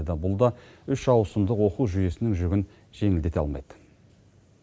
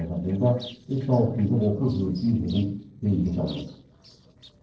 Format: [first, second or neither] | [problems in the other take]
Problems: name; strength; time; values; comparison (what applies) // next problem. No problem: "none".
first | noise reduction (neural separator model SepFormer DNS4)